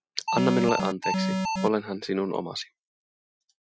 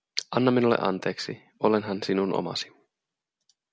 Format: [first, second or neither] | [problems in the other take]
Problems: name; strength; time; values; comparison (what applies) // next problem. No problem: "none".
second | noise reduction (classical method Wiener filter)